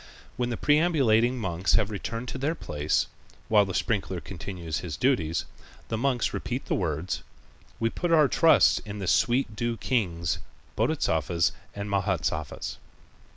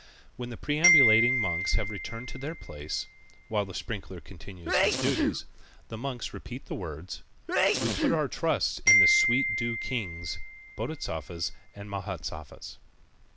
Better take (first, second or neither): first